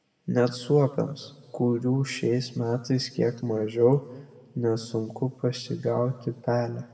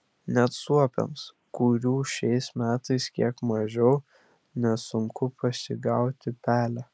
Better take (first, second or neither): second